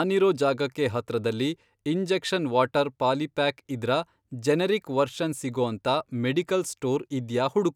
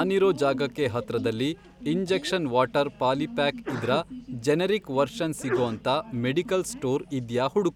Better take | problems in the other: first | background sound (Sneeze); 12 dB below the speech

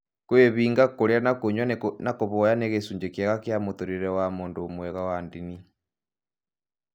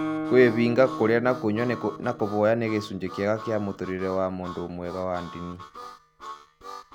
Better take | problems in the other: first | background sound (Harmonica + Guitar); 11 dB below the speech

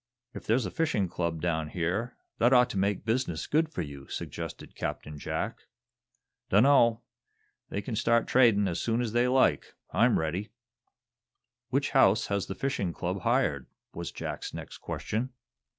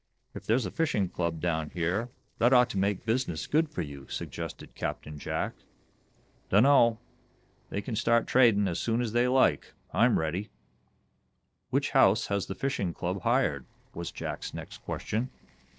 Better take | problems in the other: first | noise reduction (neural separator model SepFormer DNS4)

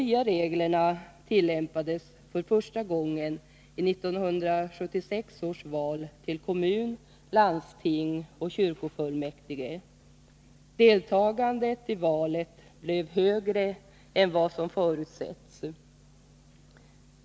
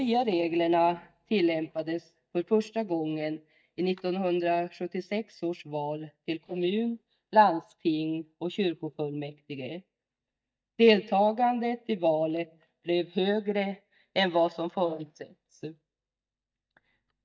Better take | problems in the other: first | noise reduction (neural mask model DeepFilterNet 3)

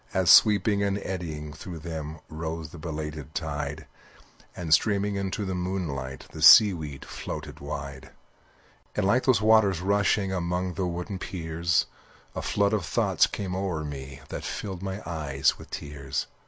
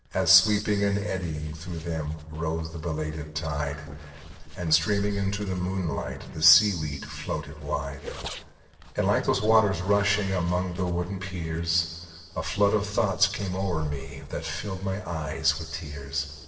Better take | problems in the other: first | noise reduction (neural separator model SepFormer DNS4)

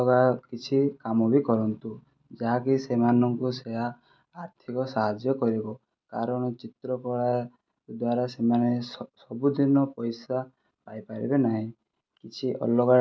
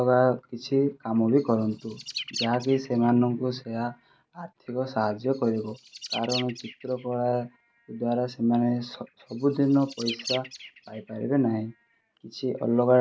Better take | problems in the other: first | background sound (Bird); 16 dB below the speech

